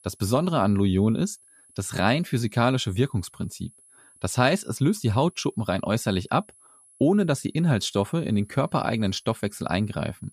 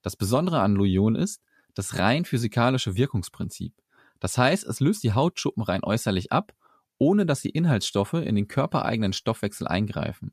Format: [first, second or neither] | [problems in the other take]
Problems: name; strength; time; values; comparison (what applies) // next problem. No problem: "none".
second | high-pitched whine; faint; throughout; 10.5 kHz, 30 dB below the speech